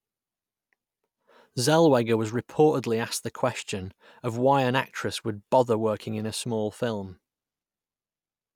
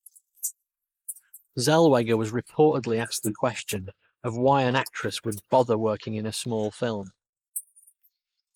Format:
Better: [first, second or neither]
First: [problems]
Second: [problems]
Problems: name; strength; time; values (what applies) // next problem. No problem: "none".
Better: first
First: none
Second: noise reduction (neural mask model Resemble Enhance denoiser)